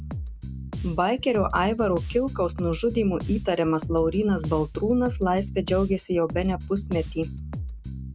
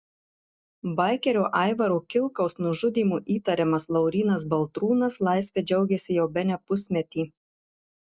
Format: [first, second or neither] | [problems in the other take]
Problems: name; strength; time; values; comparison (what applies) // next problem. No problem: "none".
second | background sound (Bass guitar); 9 dB below the speech